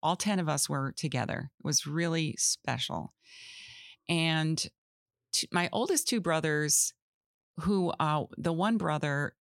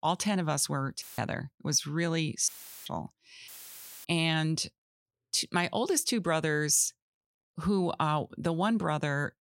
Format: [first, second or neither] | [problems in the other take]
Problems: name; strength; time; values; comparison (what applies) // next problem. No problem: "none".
first | audio cutting out; filled with static; at 1 s, at 2.5 s and at 3.5 s for 0.5 s